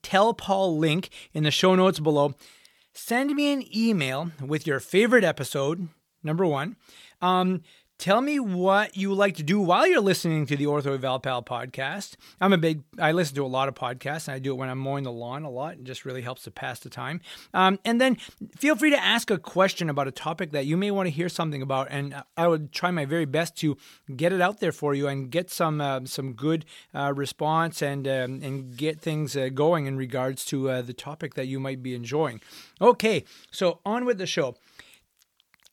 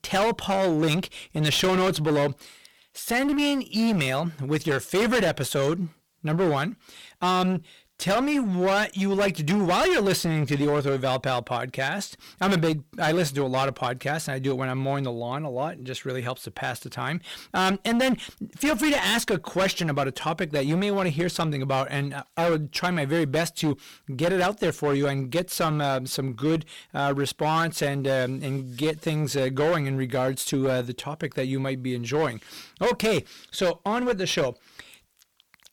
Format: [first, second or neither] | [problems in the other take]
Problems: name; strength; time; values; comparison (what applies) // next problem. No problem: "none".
first | distortion; heavy; 15% of the sound clipped